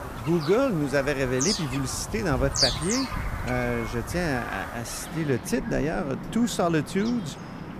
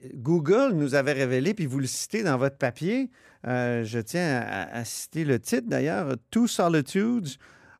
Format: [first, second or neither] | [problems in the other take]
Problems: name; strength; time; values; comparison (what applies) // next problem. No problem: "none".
second | animal sounds; loud; throughout; 5 dB below the speech